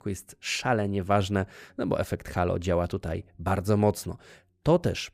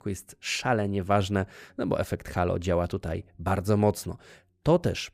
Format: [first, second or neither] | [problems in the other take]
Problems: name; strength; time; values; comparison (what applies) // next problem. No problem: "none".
neither | none